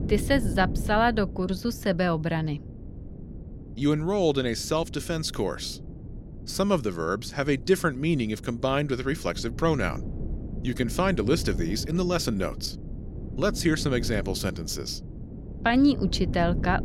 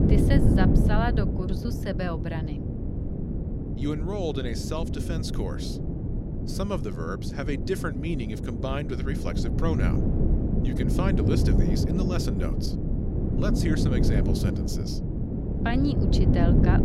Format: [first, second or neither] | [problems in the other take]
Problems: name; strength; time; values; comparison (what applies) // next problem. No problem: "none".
first | wind noise on the microphone; heavy; 1 dB below the speech; occasional gusts in the first